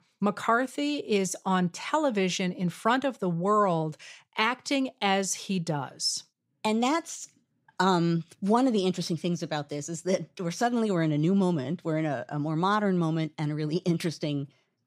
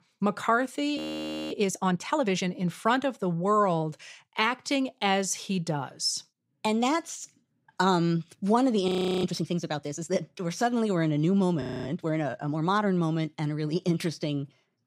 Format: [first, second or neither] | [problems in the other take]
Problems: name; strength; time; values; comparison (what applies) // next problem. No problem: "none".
first | audio freezing; at 1 s for 0.5 s, at 9 s and at 12 s